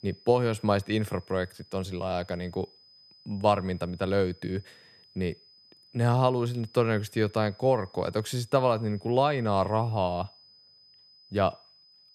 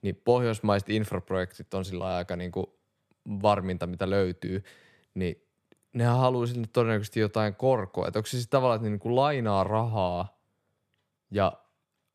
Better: second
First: high-pitched whine; faint; throughout; 5 kHz, 25 dB below the speech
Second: none

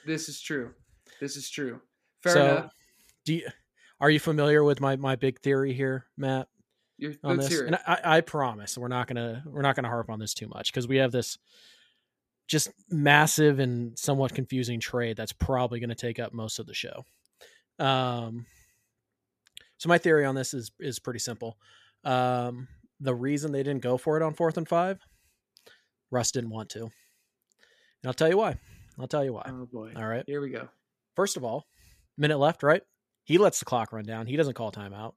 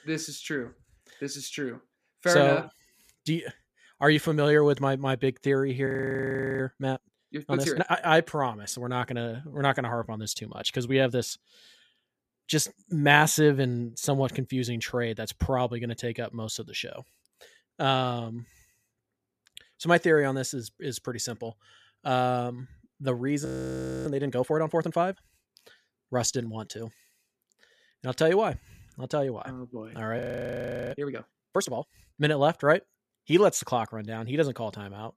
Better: first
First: none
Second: audio freezing; at 6 s for 0.5 s, at 23 s for 0.5 s and at 30 s for 0.5 s

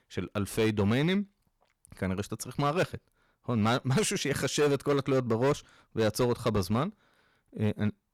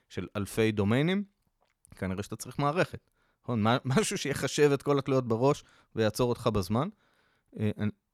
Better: second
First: distortion; slight; 6% of the sound clipped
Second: none

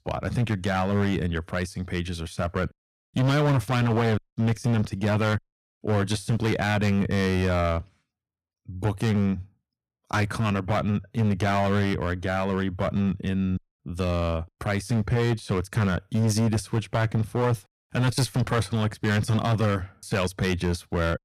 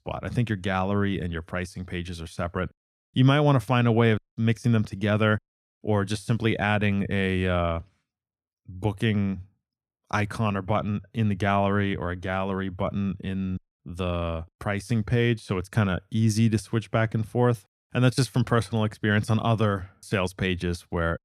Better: second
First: distortion; heavy; 11% of the sound clipped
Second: none

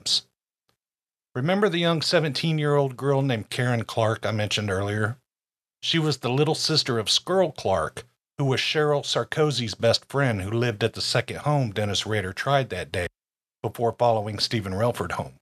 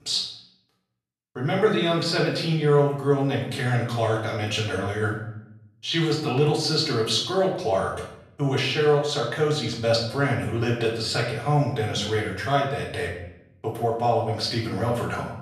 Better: first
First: none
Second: off-mic speech; far // room echo; noticeable; dies away in 0.7 s

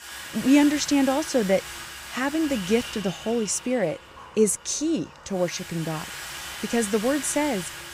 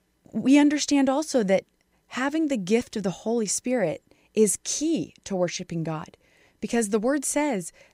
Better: second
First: household noises; noticeable; throughout; 10 dB below the speech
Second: none

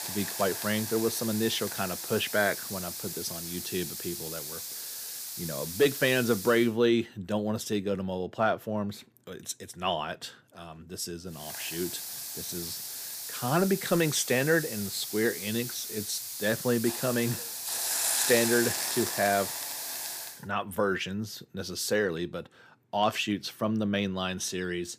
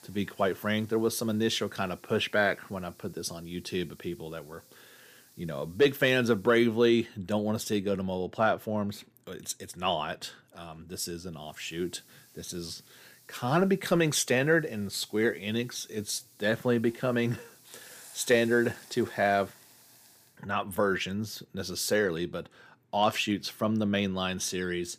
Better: second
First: hiss; loud; until 6.5 s and from 11 to 20 s; 3 dB below the speech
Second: hiss; faint; until 6.5 s and from 11 to 20 s; 25 dB below the speech

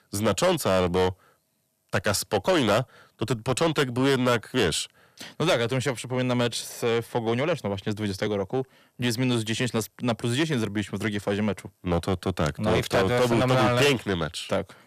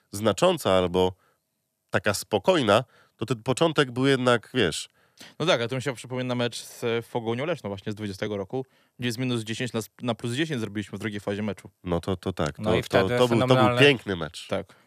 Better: second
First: distortion; heavy; 7 dB below the speech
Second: none

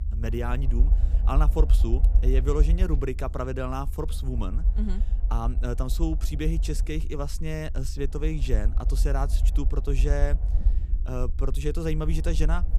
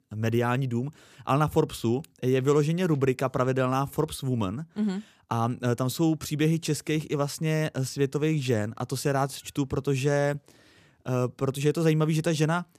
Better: second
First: low rumble; noticeable; throughout; 15 dB below the speech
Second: none

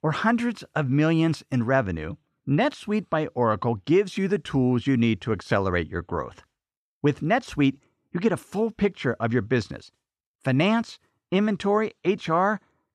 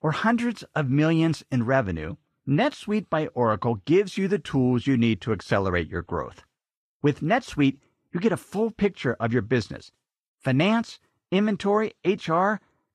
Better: first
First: none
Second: garbled, watery; slightly; nothing above 14.5 kHz

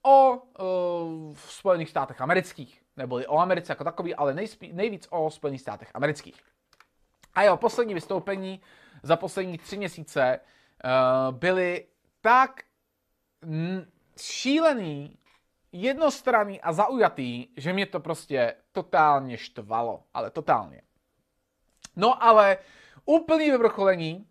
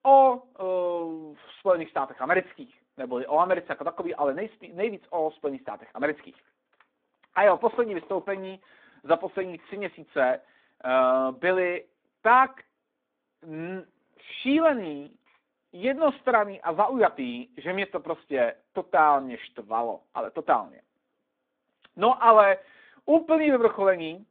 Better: first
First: none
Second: phone-call audio; nothing above 3.5 kHz

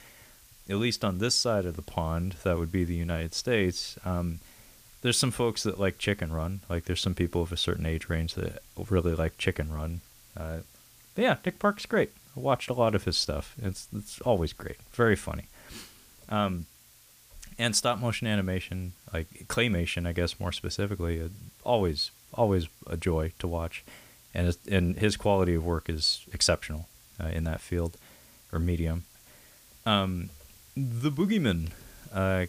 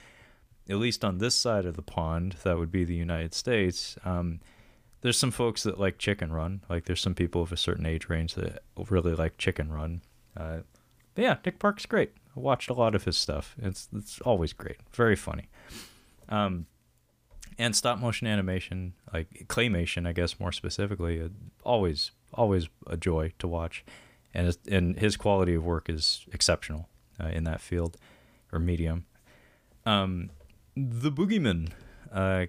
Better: second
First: hiss; faint; throughout; 25 dB below the speech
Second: none

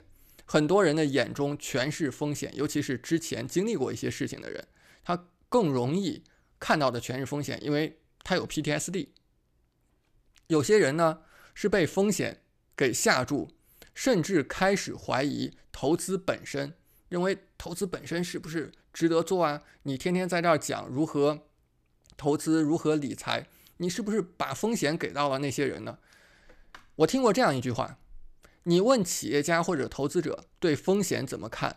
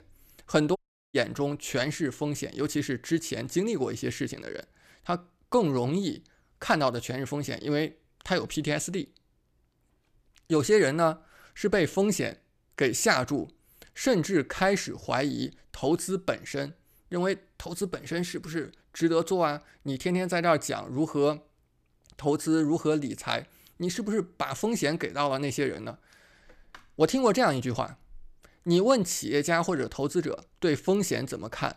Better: first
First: none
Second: audio cutting out; at 1 s

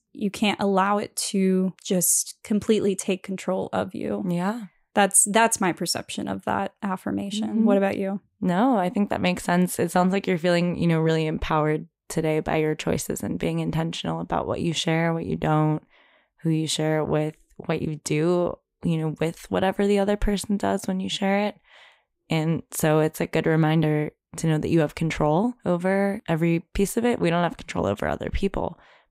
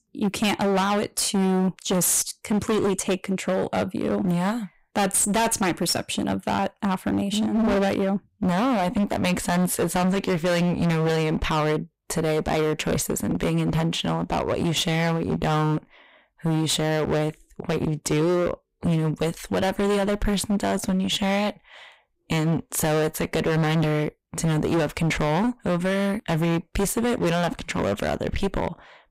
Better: first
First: none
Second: distortion; heavy; 22% of the sound clipped

